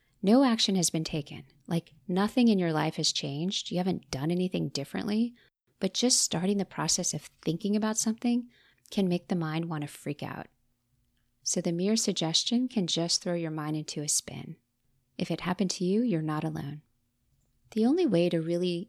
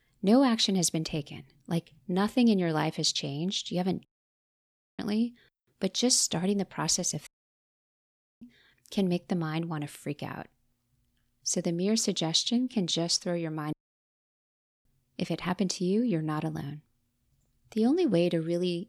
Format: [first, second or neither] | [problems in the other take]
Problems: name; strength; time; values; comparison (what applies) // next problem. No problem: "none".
first | audio cutting out; at 4 s for 1 s, at 7.5 s for 1 s and at 14 s for 1 s